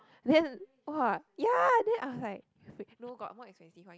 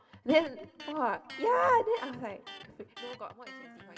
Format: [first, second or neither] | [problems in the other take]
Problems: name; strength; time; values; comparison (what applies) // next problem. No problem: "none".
first | background sound (Electric guitar); 17 dB below the speech // room echo; dies away in 1.8 s